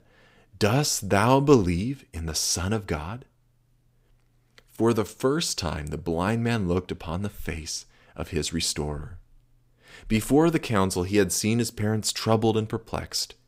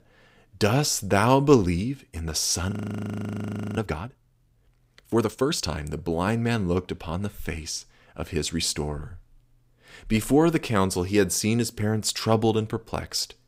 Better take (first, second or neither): first